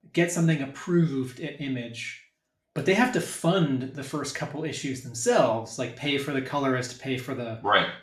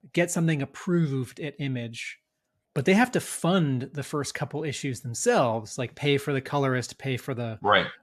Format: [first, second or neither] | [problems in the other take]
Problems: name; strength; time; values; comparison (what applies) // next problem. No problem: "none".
second | room echo; slight; dies away in 0.4 s // off-mic speech; somewhat distant